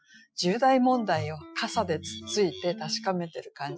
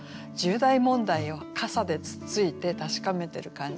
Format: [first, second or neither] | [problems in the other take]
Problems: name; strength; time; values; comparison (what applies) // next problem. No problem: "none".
second | noise reduction (classical method Wiener filter)